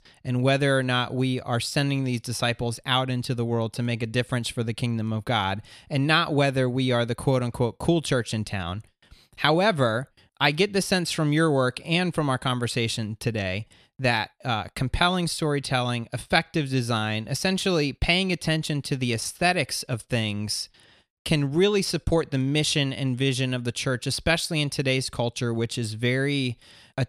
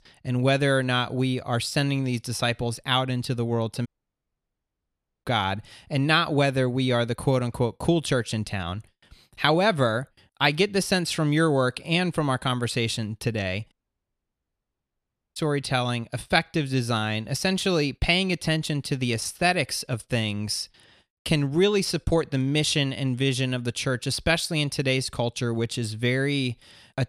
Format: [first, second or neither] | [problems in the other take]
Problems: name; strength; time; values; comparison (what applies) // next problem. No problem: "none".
first | audio cutting out; at 4 s for 1.5 s and at 14 s for 1.5 s